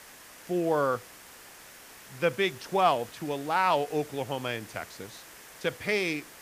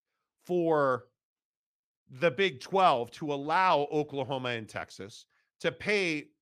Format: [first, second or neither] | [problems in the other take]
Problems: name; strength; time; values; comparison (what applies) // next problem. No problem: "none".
second | hiss; noticeable; throughout; 20 dB below the speech